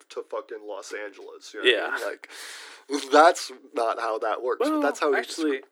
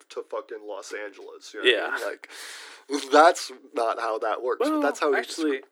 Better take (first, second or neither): neither